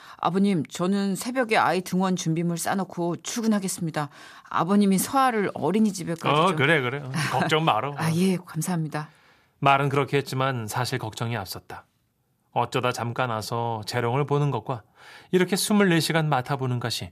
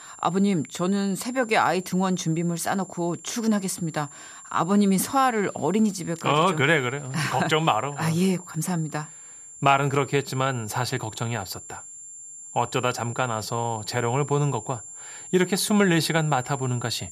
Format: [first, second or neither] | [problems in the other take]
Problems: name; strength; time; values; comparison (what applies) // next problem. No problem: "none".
first | high-pitched whine; noticeable; throughout; 7.5 kHz, 15 dB below the speech